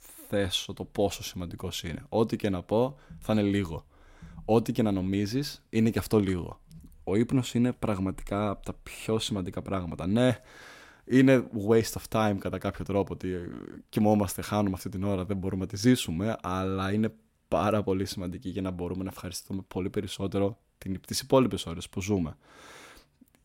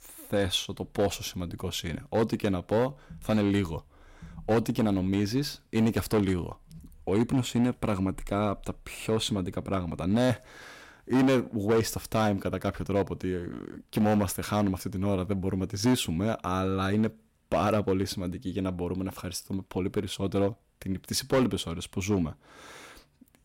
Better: first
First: none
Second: distortion; slight; 4% of the sound clipped

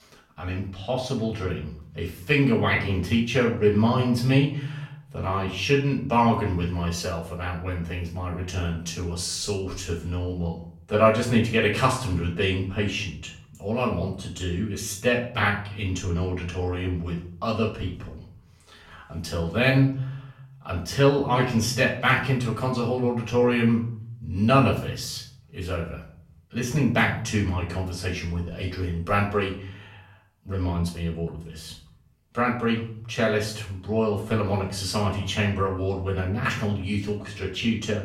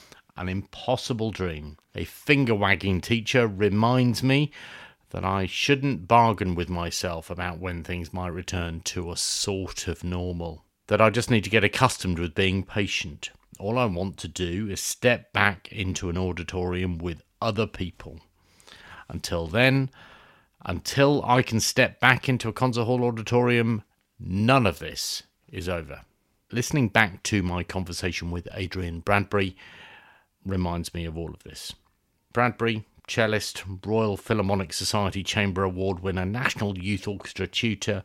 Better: second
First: off-mic speech; far // room echo; slight; dies away in 0.6 s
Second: none

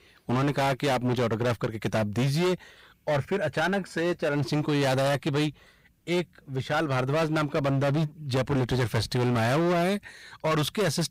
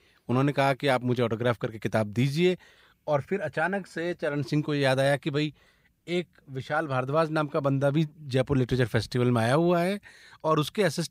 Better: second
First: distortion; heavy; 23% of the sound clipped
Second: none

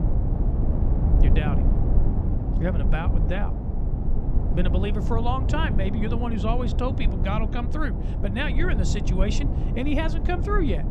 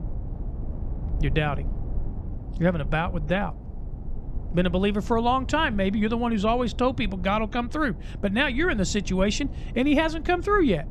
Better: second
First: low rumble; loud; throughout; 6 dB below the speech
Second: low rumble; faint; throughout; 20 dB below the speech

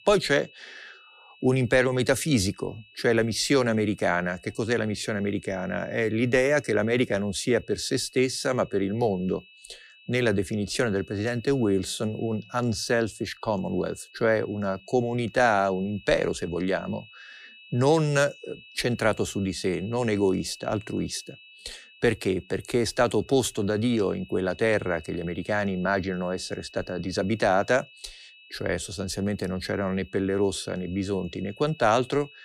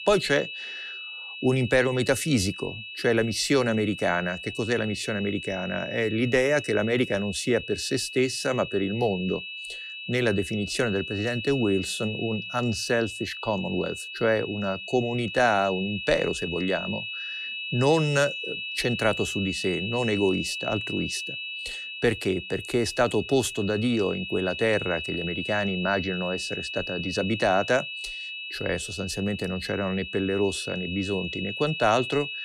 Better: first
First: high-pitched whine; faint; throughout; 2.5 kHz, 25 dB below the speech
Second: high-pitched whine; loud; throughout; 2.5 kHz, 7 dB below the speech

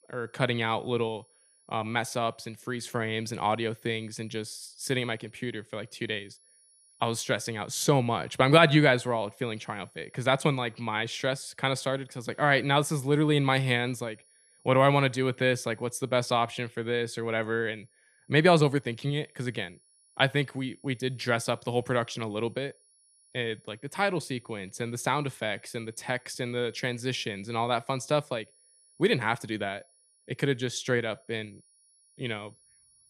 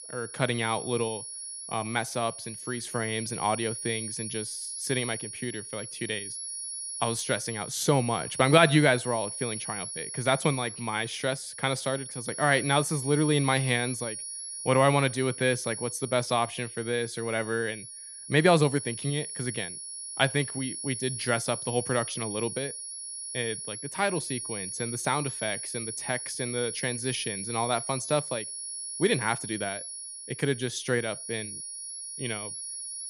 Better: first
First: high-pitched whine; faint; throughout; 10.5 kHz, 30 dB below the speech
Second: high-pitched whine; loud; throughout; 10.5 kHz, 7 dB below the speech

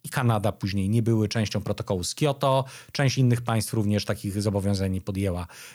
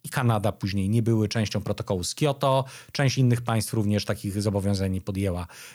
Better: neither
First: none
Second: none

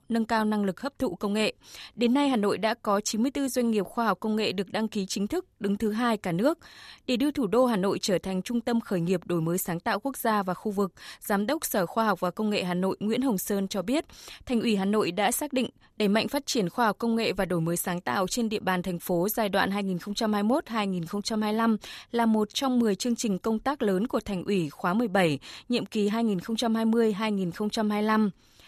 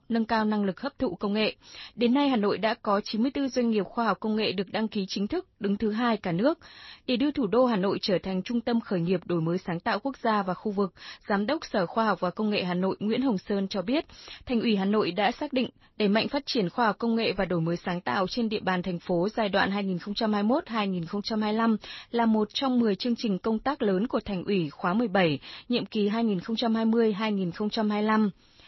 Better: first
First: none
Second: garbled, watery; slightly; nothing above 5.5 kHz

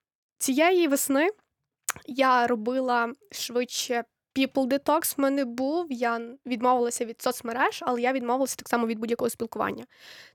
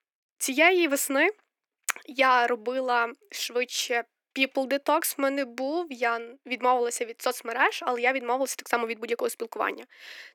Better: first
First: none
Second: thin; very slightly; fading below 300 Hz

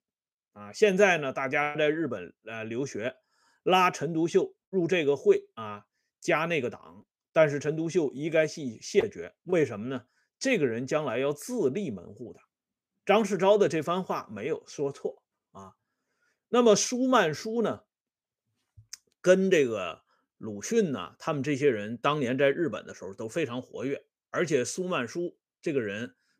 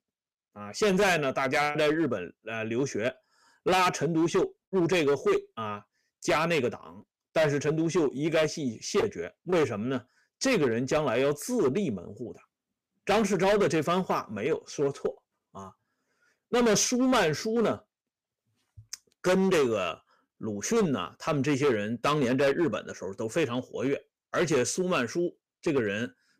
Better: first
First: none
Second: distortion; heavy; 9% of the sound clipped

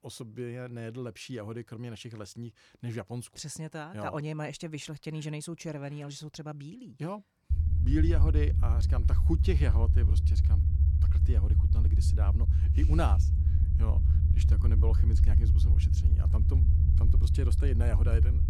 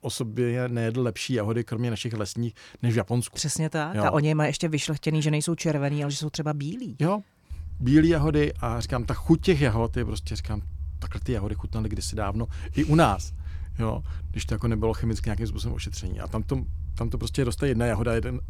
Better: second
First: low rumble; loud; from 7.5 s on; 3 dB below the speech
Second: low rumble; faint; from 7.5 s on; 25 dB below the speech

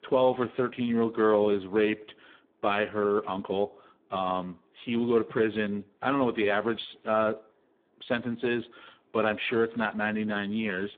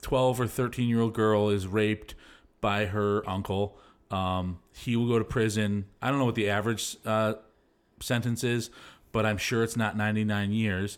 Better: second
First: phone-call audio; poor line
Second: none

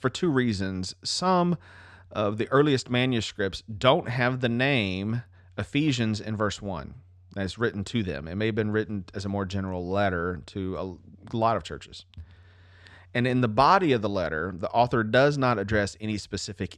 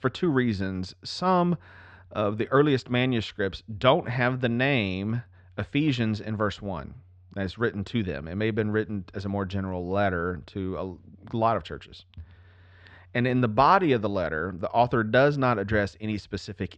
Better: first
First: none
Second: muffled; very slightly; fading above 3.5 kHz

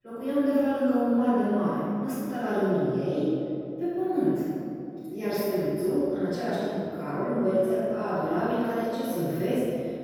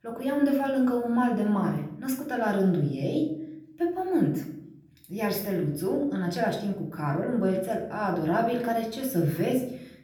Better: second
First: room echo; strong; dies away in 2.4 s // off-mic speech; far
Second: room echo; slight; dies away in 0.5 s // off-mic speech; somewhat distant

